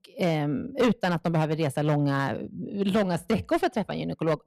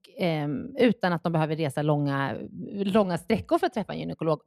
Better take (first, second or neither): second